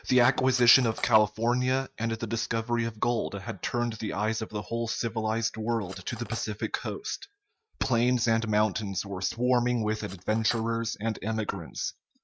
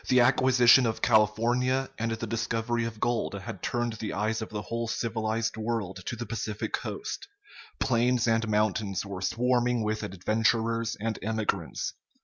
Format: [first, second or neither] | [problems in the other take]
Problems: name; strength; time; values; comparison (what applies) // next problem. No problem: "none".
second | noise reduction (neural mask model RNNoise)